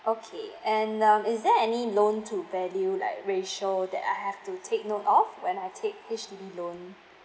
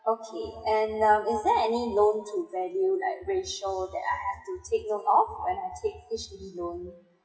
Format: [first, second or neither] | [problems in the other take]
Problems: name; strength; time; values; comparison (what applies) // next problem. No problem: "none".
first | noise reduction (classical method WPE with log-MMSE)